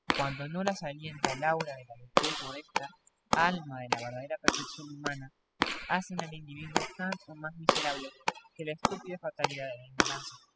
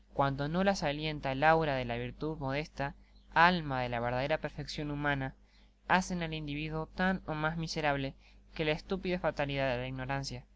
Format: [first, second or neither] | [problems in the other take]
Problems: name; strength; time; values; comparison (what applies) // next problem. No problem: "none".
second | noise reduction (classical method spectral subtraction)